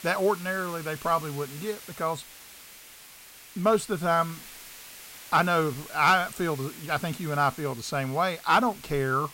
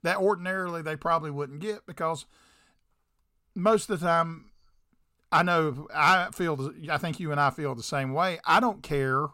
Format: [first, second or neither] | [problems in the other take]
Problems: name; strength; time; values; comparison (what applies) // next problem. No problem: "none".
second | hiss; noticeable; throughout; 15 dB below the speech